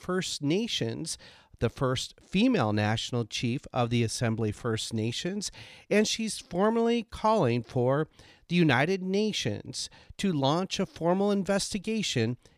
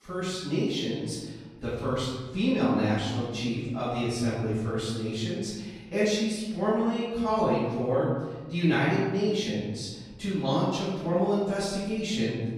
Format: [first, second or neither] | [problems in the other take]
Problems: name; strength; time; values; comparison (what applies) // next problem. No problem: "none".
first | off-mic speech; far // room echo; strong; dies away in 1.3 s